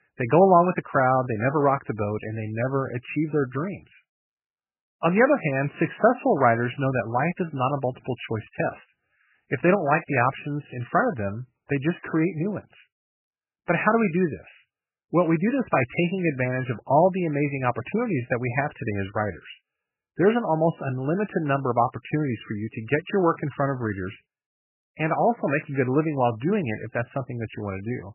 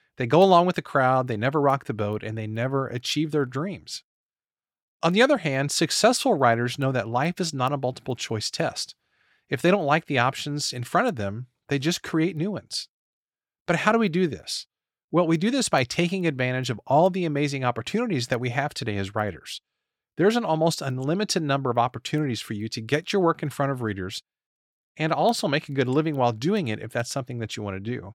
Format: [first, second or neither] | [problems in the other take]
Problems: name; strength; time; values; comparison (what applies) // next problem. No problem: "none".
second | garbled, watery; badly; nothing above 3 kHz